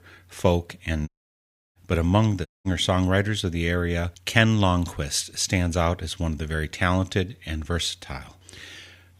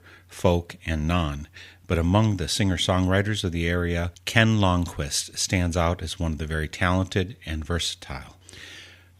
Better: second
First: audio cutting out; at 1 s for 0.5 s and at 2.5 s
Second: none

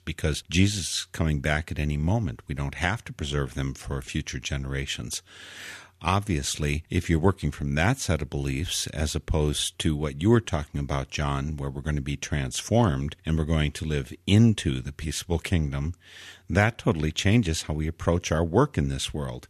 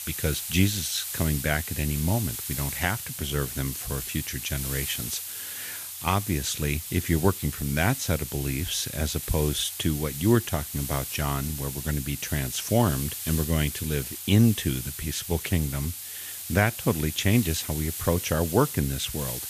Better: first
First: none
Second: hiss; loud; throughout; 6 dB below the speech

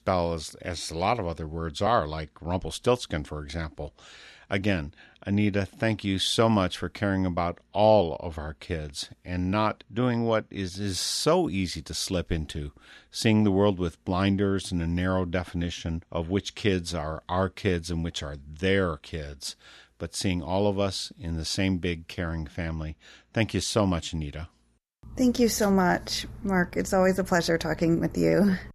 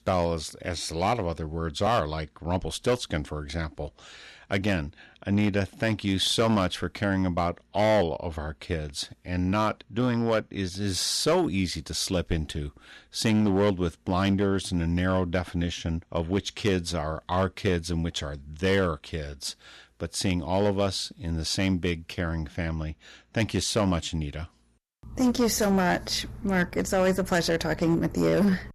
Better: first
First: none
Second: distortion; slight; 5% of the sound clipped

